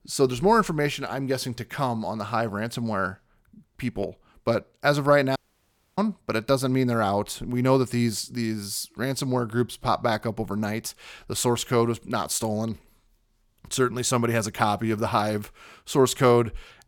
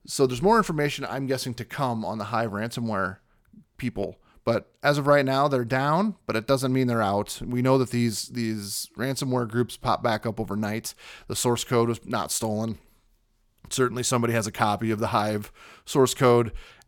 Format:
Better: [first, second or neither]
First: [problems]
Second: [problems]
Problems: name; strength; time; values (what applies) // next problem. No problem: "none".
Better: second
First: audio cutting out; at 5.5 s for 0.5 s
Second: none